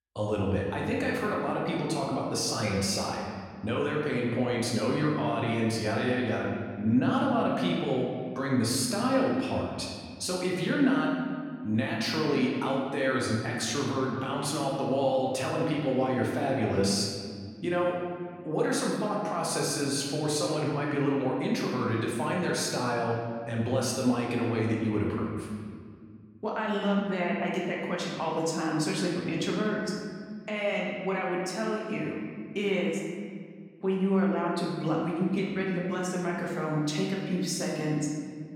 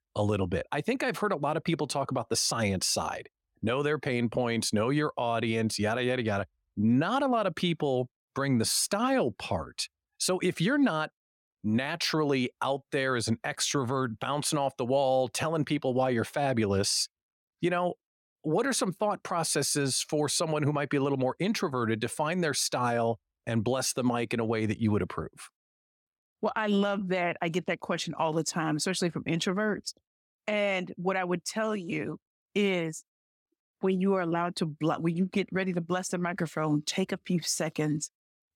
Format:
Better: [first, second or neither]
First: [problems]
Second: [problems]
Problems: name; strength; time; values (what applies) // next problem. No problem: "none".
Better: second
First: room echo; noticeable; dies away in 1.8 s // off-mic speech; far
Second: none